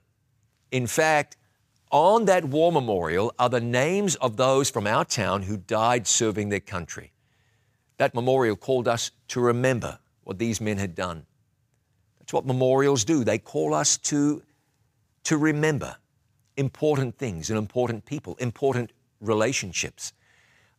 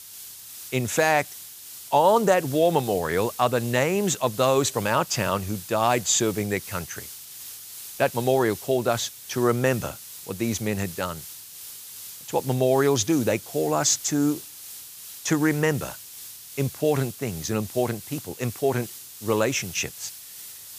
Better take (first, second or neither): first